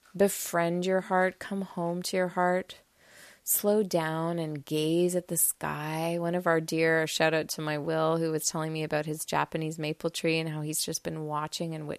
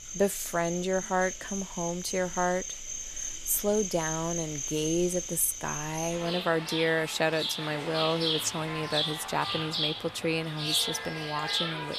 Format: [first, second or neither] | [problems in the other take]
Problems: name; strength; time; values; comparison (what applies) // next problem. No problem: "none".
first | animal sounds; loud; throughout; 3 dB below the speech